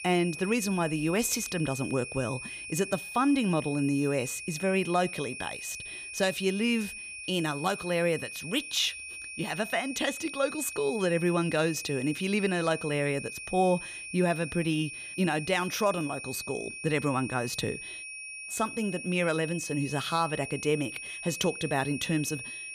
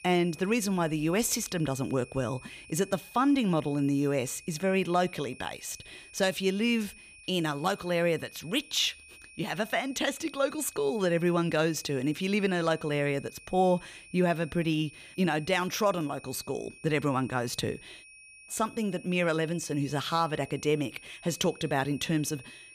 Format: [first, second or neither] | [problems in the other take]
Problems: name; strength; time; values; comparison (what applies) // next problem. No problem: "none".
second | high-pitched whine; loud; throughout; 2.5 kHz, 9 dB below the speech; faint in the second